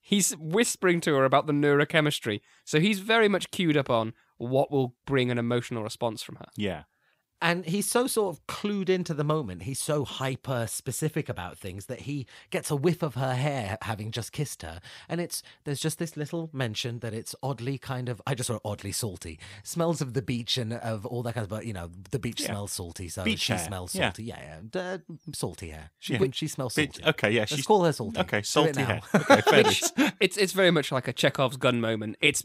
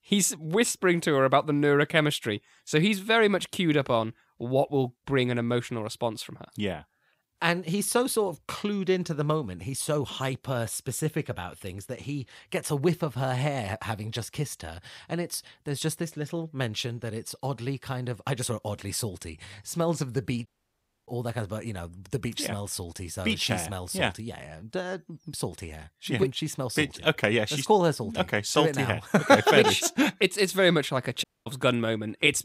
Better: first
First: none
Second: audio cutting out; at 20 s for 0.5 s and at 31 s

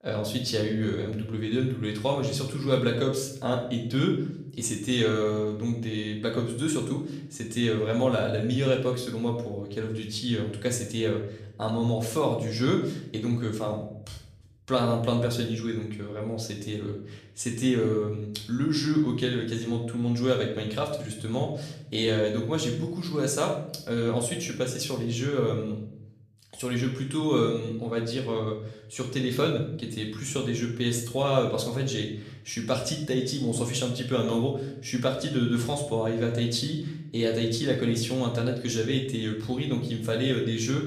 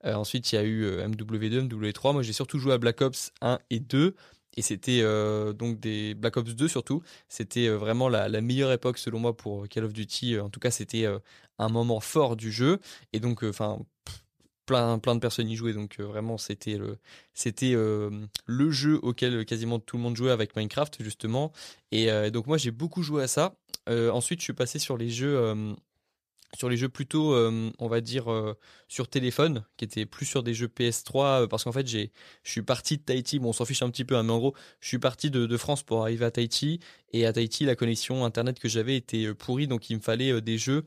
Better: second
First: room echo; slight; dies away in 0.6 s // off-mic speech; somewhat distant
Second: none

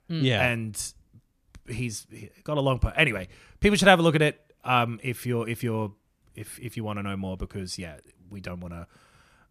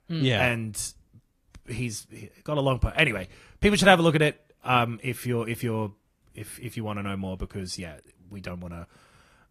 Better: first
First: none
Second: garbled, watery; slightly; nothing above 14.5 kHz

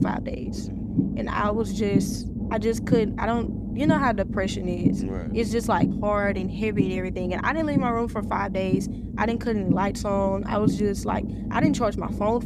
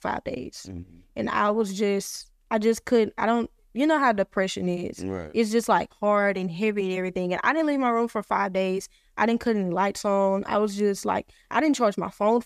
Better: second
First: low rumble; loud; throughout; 8 dB below the speech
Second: none

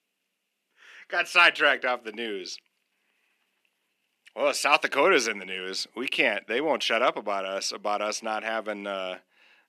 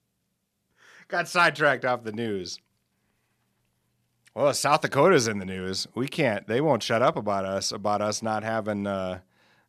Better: second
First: thin; somewhat; fading below 250 Hz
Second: none

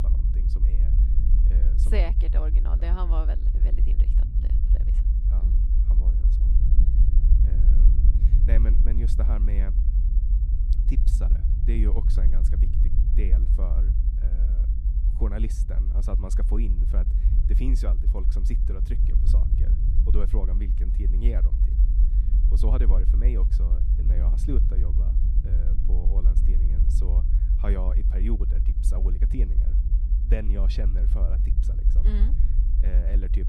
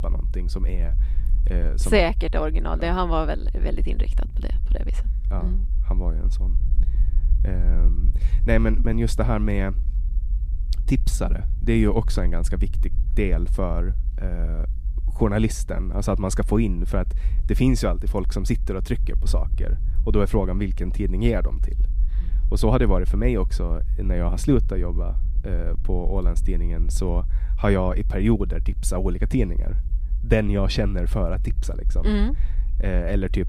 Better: second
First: low rumble; loud; throughout; 4 dB below the speech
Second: low rumble; faint; throughout; 20 dB below the speech

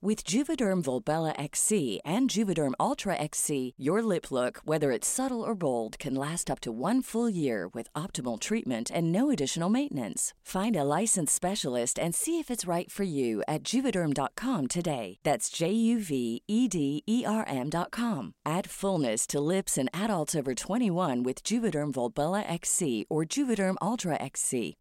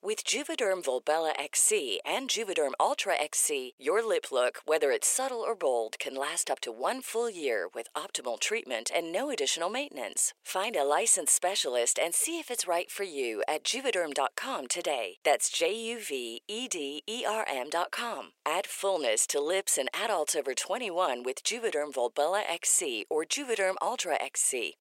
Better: first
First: none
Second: thin; very; fading below 450 Hz

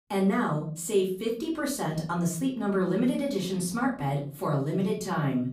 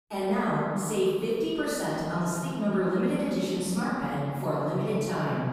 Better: first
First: room echo; slight; dies away in 0.6 s // off-mic speech; far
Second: room echo; strong; dies away in 2 s // off-mic speech; far

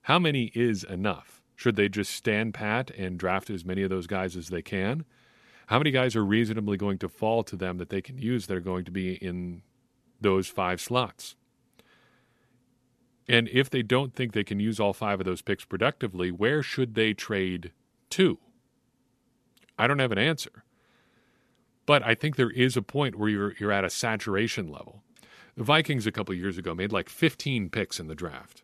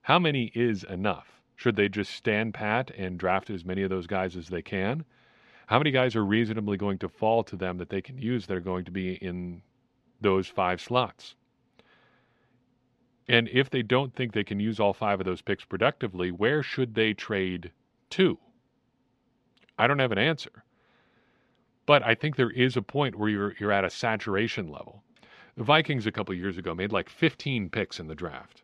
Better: first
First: none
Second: muffled; slightly; fading above 3.5 kHz

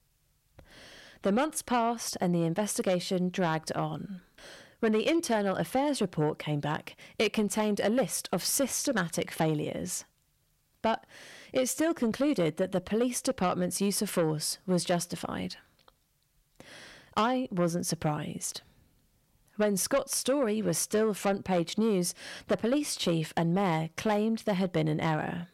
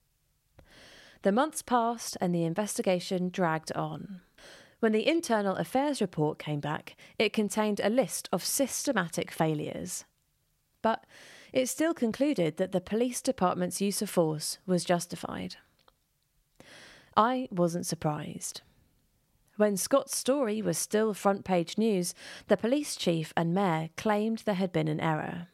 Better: second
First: distortion; slight; 10 dB below the speech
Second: none

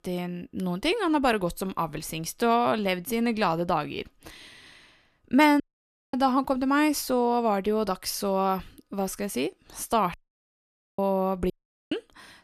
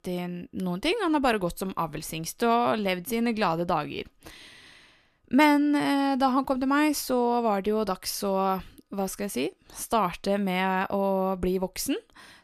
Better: second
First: audio cutting out; at 5.5 s for 0.5 s, at 10 s for 1 s and at 12 s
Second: none

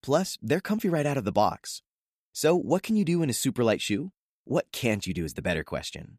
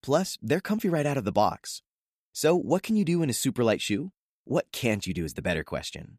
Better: neither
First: none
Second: none

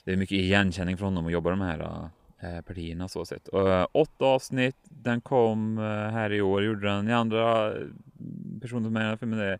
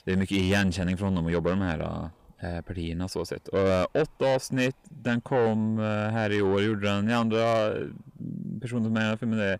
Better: first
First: none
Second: distortion; slight; 10 dB below the speech

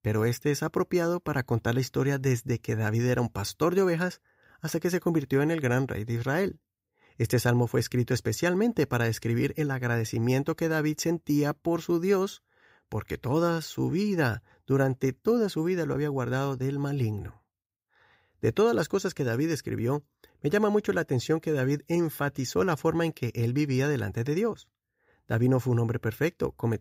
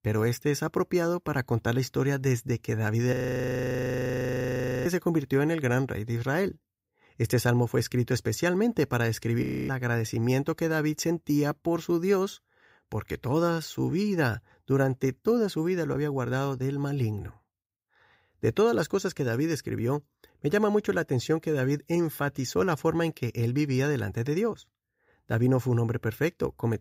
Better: first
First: none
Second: audio freezing; at 3 s for 1.5 s and at 9.5 s

